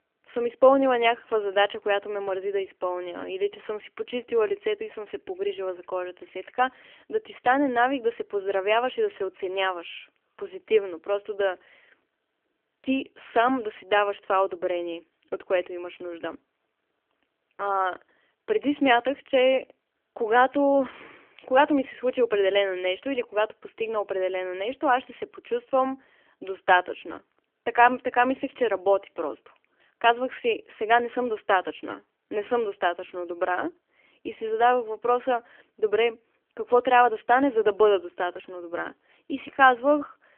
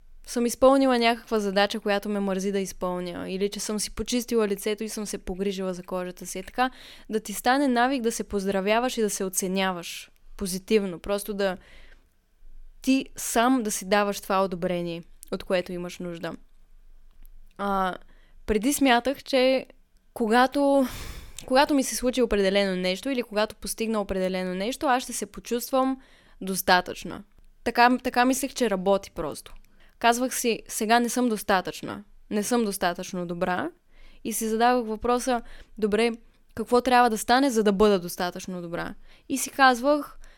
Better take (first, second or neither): second